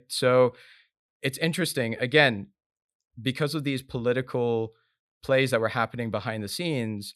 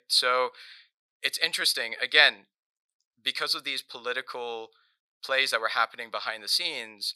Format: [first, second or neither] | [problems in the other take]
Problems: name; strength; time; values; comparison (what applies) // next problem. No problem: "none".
first | thin; very; fading below 900 Hz